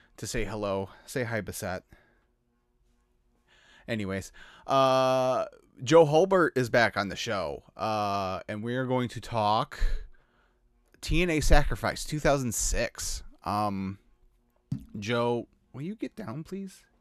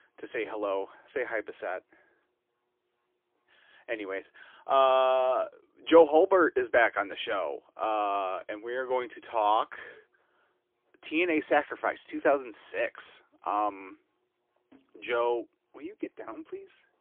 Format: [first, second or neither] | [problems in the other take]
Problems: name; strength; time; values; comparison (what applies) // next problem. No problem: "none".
first | phone-call audio; poor line; nothing above 3.5 kHz